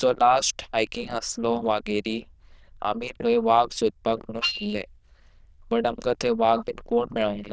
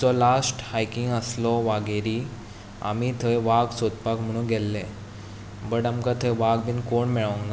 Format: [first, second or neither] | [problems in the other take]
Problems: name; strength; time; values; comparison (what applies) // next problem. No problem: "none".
second | noise reduction (neural diffusion model UNIVERSE++)